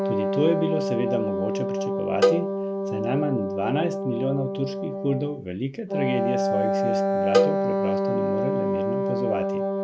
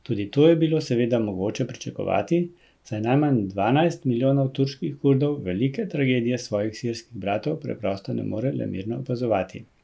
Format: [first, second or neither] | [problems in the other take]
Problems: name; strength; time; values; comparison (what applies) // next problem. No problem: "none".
second | background sound (Wind instrument, woodwind instrument + Cowbell); 4 dB above the speech